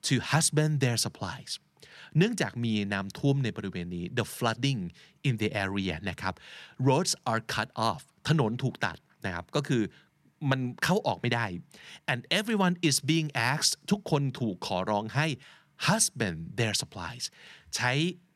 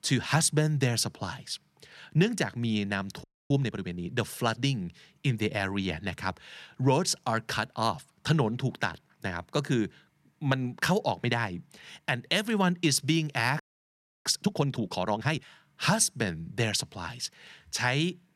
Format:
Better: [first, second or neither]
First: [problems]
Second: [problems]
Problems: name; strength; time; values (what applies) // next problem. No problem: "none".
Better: first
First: none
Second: audio freezing; at 3 s and at 14 s for 0.5 s